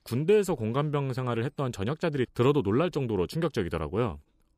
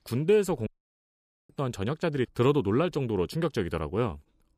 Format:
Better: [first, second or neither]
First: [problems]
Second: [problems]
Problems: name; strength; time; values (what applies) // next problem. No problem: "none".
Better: first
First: none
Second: audio cutting out; at 0.5 s for 1 s